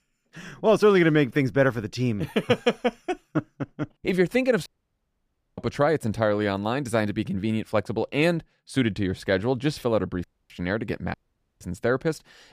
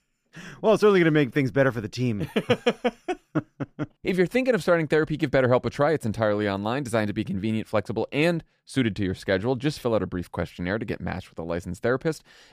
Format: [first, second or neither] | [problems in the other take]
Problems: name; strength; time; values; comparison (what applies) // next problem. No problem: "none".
second | audio cutting out; at 4.5 s for 1 s, at 10 s and at 11 s